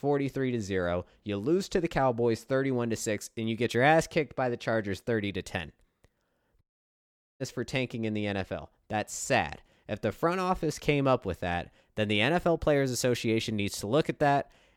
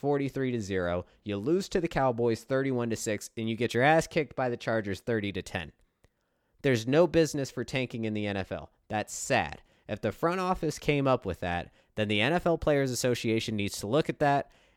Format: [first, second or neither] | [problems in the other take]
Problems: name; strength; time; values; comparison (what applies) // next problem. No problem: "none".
second | audio cutting out; at 6.5 s for 1 s